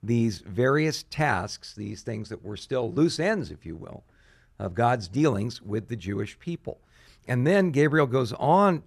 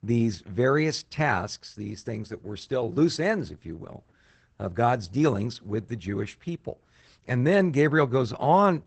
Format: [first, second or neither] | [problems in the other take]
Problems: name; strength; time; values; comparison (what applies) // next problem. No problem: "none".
first | garbled, watery; badly; nothing above 8 kHz